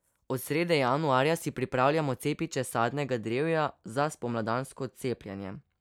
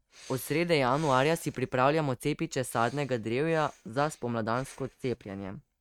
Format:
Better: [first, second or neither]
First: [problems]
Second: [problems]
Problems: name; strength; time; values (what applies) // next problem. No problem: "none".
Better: first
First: none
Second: noise reduction (neural mask model RNNoise)